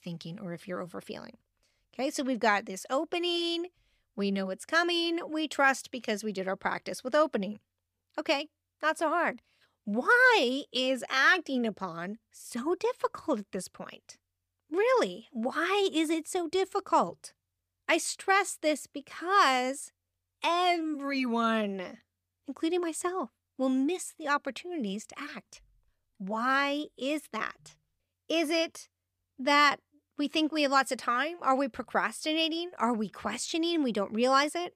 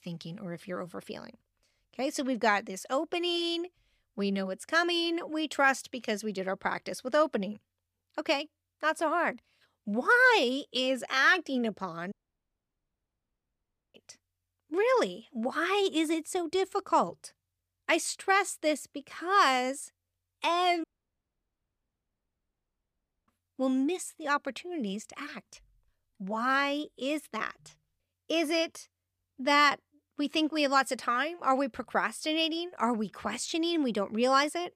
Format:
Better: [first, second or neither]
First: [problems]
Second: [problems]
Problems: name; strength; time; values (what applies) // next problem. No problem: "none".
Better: first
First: none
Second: audio cutting out; at 12 s for 2 s and at 21 s for 2.5 s